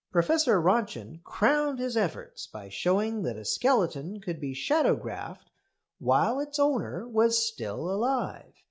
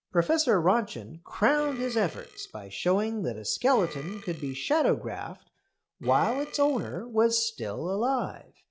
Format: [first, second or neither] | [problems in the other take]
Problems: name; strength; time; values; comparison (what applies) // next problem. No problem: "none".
first | background sound (Burping, eructation); 19 dB below the speech